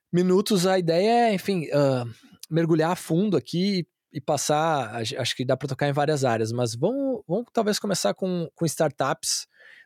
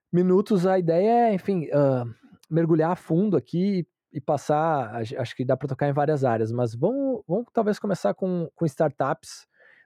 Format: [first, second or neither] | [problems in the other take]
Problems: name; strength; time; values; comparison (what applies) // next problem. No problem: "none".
first | muffled; very; fading above 2 kHz